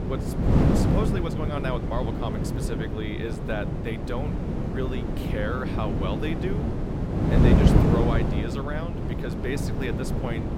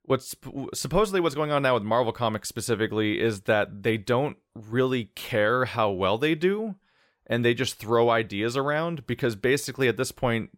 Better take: second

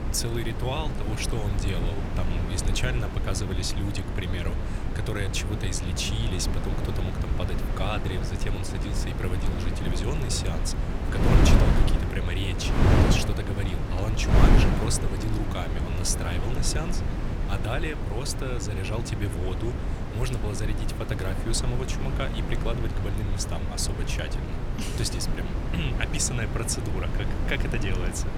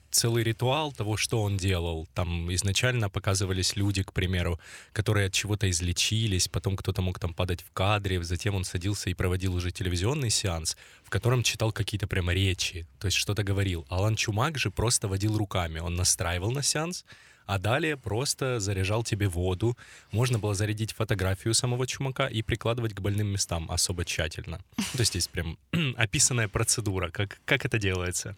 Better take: second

